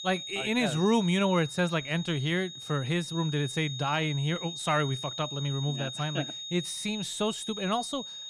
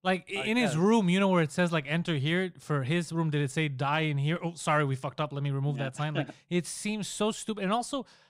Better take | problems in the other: second | high-pitched whine; loud; throughout; 3.5 kHz, 7 dB below the speech

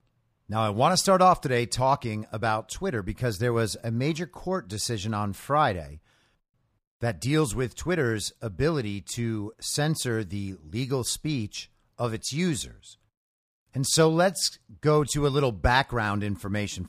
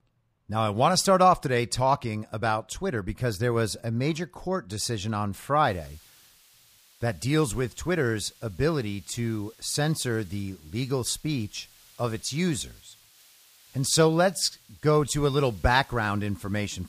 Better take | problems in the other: first | hiss; faint; from 5.5 s on; 25 dB below the speech

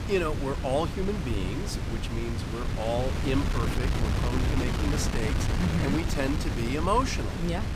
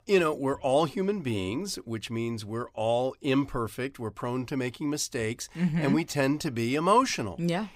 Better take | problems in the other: second | wind noise on the microphone; heavy; 4 dB below the speech

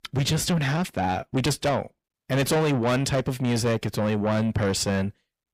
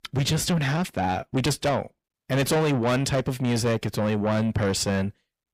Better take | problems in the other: neither | distortion; heavy; 7 dB below the speech; the same in both

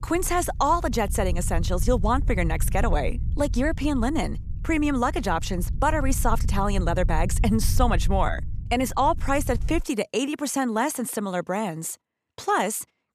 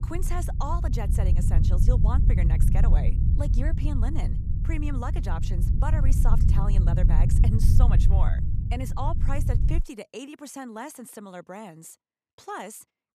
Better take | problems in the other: first | low rumble; loud; until 10 s; 3 dB below the speech; faint in the first

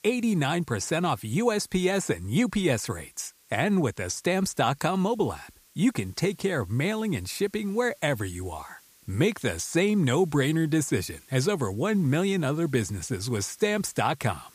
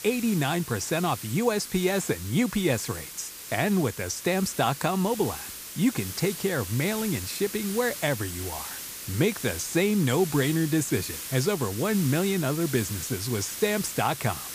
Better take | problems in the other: first | hiss; loud; throughout; 9 dB below the speech; faint in the first

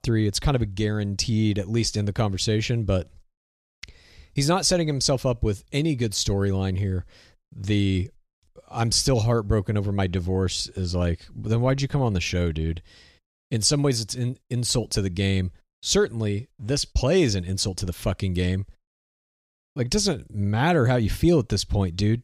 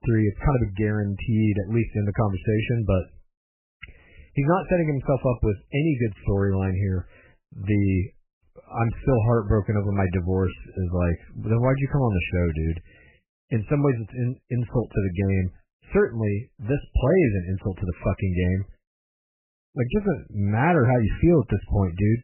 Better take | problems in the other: first | garbled, watery; badly; nothing above 3 kHz

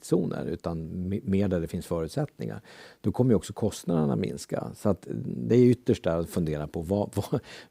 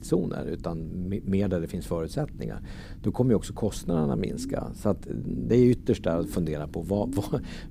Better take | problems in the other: first | low rumble; noticeable; throughout; 15 dB below the speech

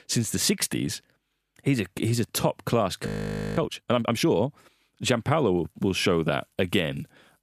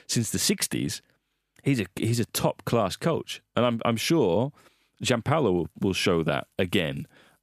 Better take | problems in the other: second | audio freezing; at 3 s for 0.5 s

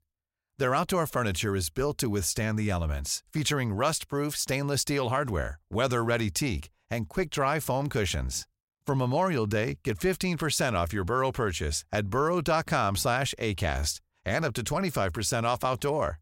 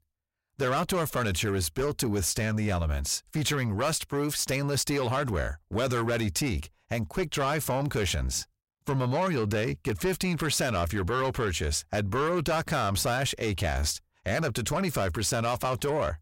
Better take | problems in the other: first | distortion; slight; 10 dB below the speech

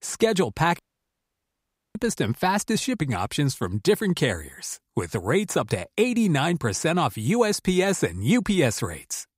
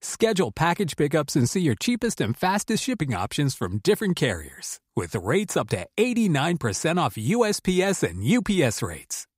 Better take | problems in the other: second | audio cutting out; at 1 s for 1 s

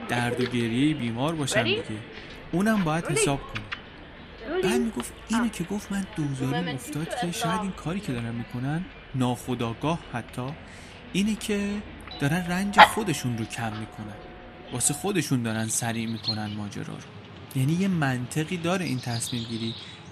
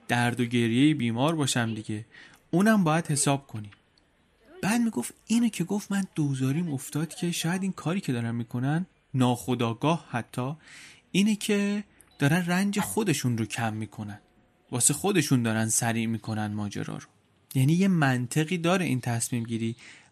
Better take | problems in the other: second | animal sounds; loud; throughout; as loud as the speech; faint in the second

